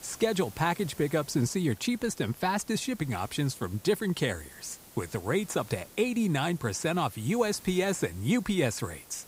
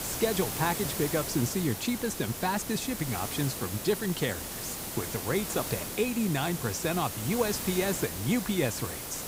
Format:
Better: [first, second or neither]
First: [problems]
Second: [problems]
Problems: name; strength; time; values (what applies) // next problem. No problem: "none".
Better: first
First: hiss; faint; throughout; 20 dB below the speech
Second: hiss; loud; throughout; 4 dB below the speech